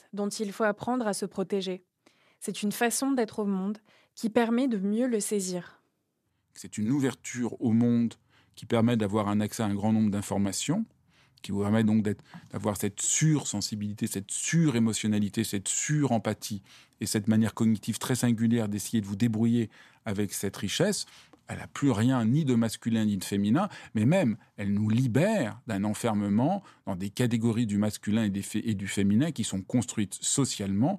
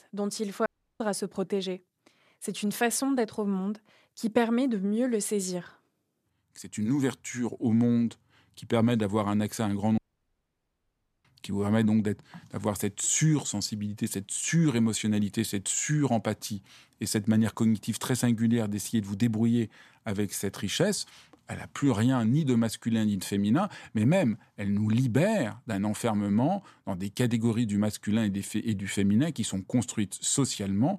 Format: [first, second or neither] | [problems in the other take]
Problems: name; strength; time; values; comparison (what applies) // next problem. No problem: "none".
first | audio cutting out; at 0.5 s and at 10 s for 1.5 s